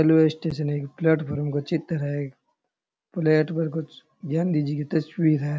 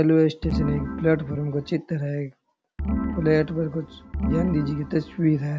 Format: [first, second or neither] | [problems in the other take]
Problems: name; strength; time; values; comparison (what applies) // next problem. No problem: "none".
first | background sound (Organ); 5 dB below the speech